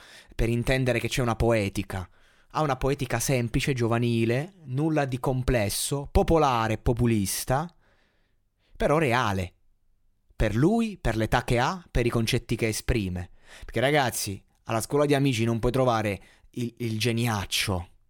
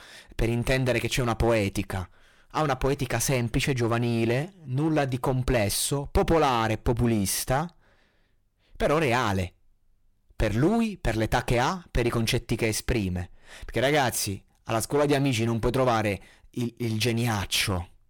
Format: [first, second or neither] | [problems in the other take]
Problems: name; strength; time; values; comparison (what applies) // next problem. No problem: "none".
first | distortion; slight; 8% of the sound clipped